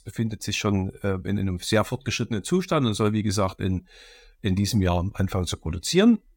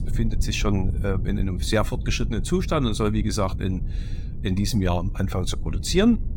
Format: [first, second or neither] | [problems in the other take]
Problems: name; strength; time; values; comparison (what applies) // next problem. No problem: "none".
first | low rumble; noticeable; throughout; 15 dB below the speech